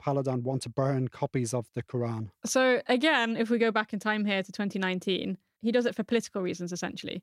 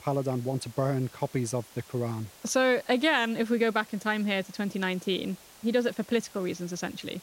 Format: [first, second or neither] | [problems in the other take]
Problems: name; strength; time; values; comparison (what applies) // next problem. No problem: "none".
first | hiss; faint; throughout; 20 dB below the speech